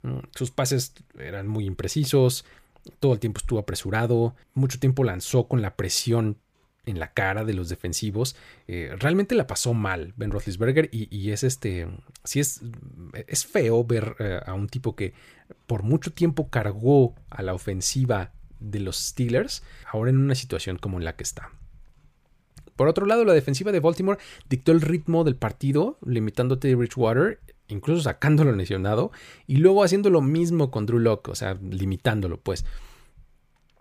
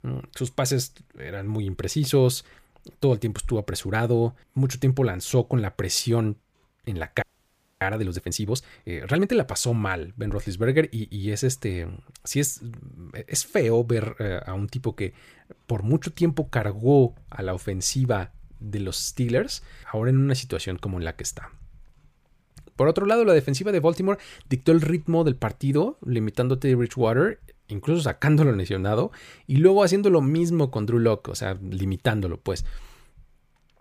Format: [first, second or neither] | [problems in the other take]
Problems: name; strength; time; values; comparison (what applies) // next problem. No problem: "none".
first | audio freezing; at 7 s for 0.5 s